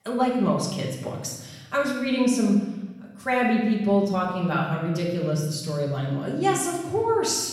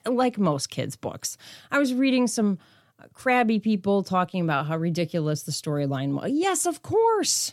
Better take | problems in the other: second | room echo; noticeable; dies away in 1.2 s // off-mic speech; far

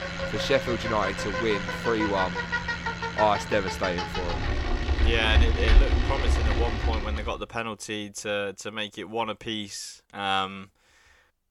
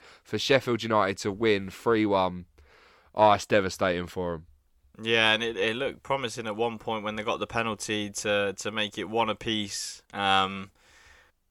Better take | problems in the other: second | traffic noise; very loud; until 7 s; 1 dB above the speech

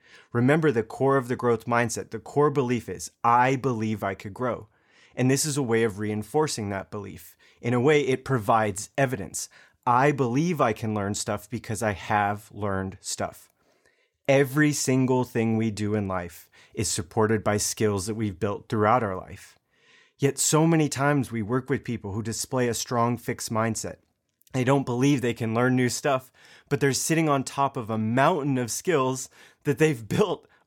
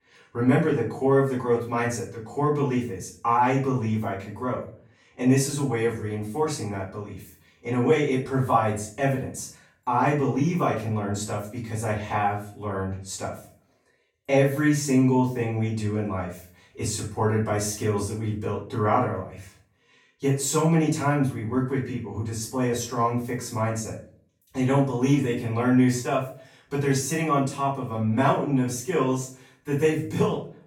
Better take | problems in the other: first | off-mic speech; far // room echo; noticeable; dies away in 0.4 s

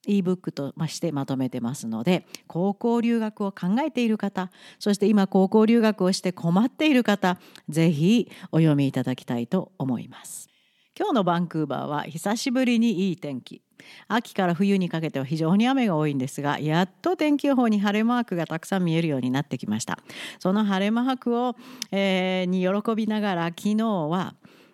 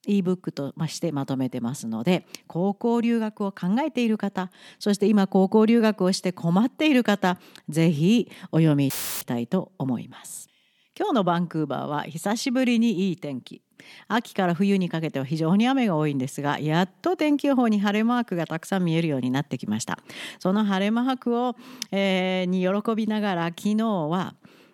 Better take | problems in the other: first | audio cutting out; filled with static; at 9 s

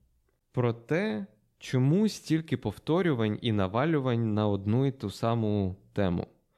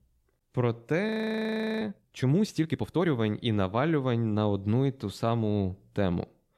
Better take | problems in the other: first | audio freezing; at 1 s for 0.5 s

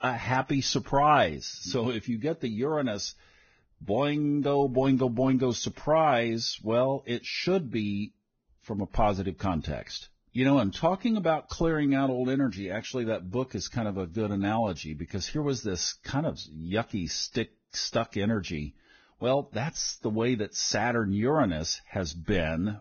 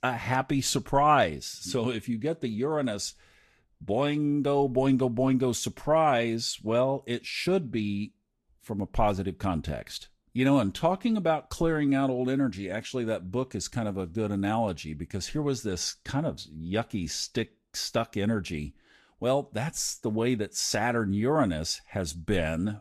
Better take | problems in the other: second | garbled, watery; badly; nothing above 6.5 kHz; slightly in the second

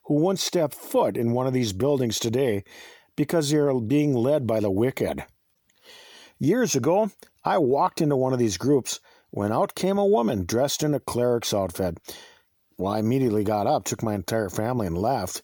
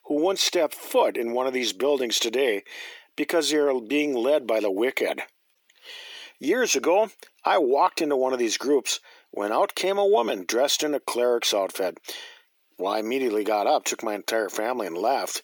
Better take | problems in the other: first | thin; somewhat; fading below 300 Hz

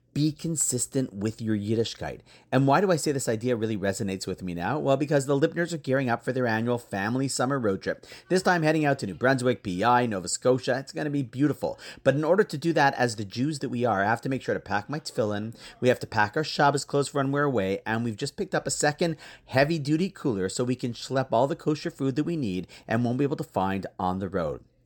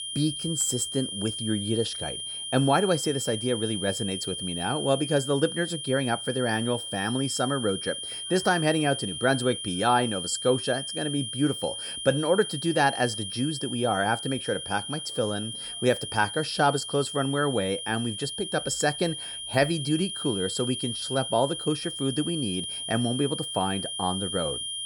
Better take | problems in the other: first | high-pitched whine; loud; throughout; 3 kHz, 5 dB below the speech

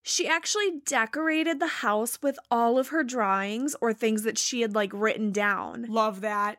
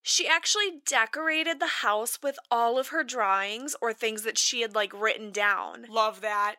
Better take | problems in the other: first | thin; somewhat; fading below 500 Hz

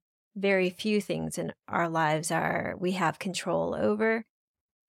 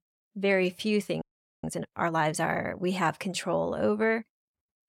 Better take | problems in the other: first | audio freezing; at 1 s

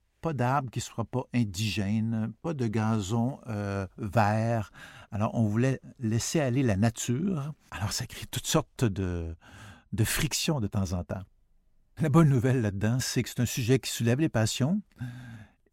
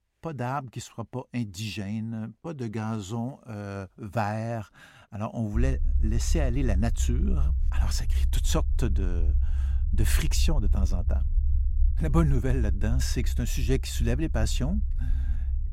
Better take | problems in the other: first | low rumble; noticeable; from 5.5 s on; 15 dB below the speech

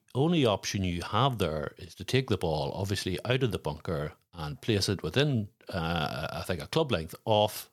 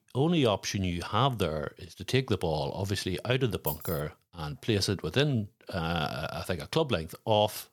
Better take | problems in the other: first | jangling keys; noticeable; at 3.5 s; peak 5 dB below the speech

